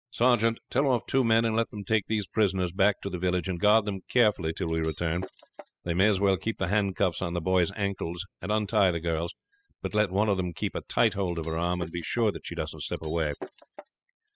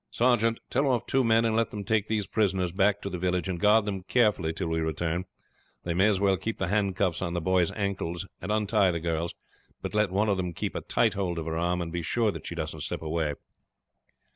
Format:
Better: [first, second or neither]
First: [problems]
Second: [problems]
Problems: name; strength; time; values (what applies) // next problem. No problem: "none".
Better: second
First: noise reduction (classical method spectral subtraction)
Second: none